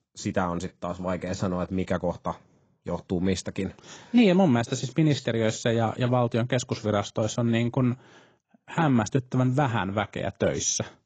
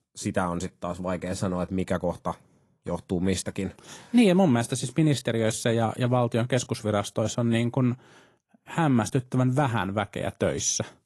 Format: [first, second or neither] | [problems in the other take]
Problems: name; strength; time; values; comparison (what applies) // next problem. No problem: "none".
second | garbled, watery; badly; slightly in the second